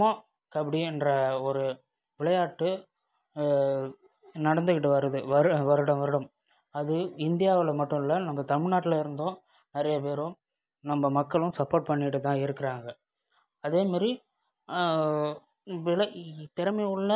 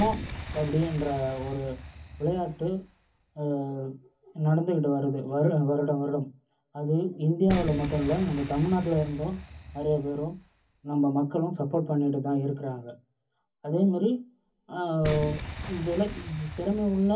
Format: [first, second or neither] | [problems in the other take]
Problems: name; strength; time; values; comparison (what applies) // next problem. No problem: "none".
first | background sound (Boom); 13 dB below the speech // room echo; dies away in 0.3 s